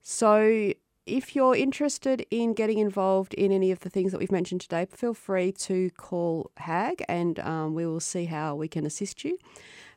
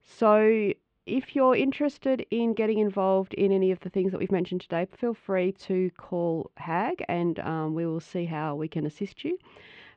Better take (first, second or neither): first